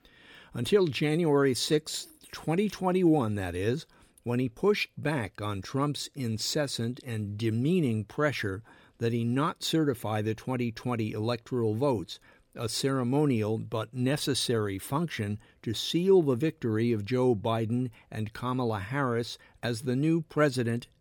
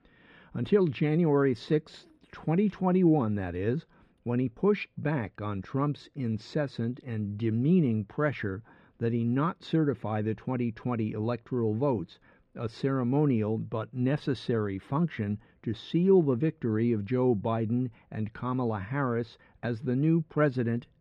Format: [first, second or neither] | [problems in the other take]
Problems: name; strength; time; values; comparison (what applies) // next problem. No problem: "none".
first | muffled; very; fading above 2 kHz